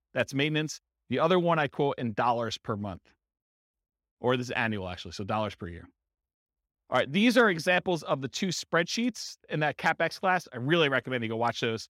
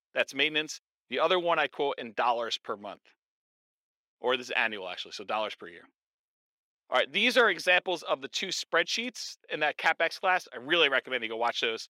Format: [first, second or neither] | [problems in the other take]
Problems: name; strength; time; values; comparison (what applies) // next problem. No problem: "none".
first | thin; somewhat; fading below 450 Hz